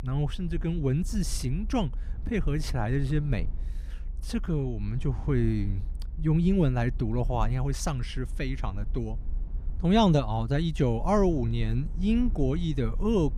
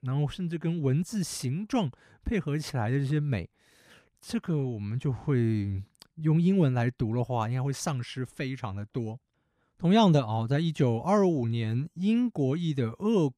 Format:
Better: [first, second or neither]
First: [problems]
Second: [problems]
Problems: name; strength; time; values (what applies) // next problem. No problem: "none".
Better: second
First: low rumble; faint; throughout; 25 dB below the speech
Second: none